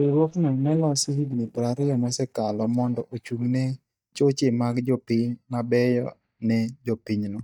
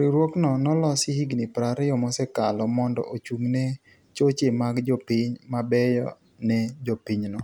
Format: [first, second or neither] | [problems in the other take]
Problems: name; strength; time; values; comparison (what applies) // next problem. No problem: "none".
second | noise reduction (neural mask model DeepFilterNet 3)